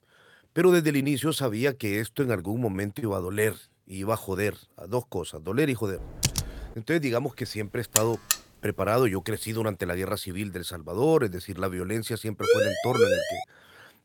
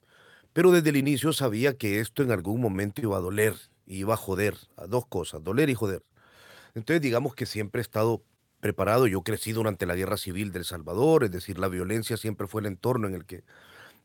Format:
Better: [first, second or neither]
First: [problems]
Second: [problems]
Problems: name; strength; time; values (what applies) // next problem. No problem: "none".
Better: second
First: keyboard typing; noticeable; at 6 s; peak level with the speech // alarm; loud; at 8 s; peak 4 dB above the speech // siren; loud; at 12 s; peak 5 dB above the speech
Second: none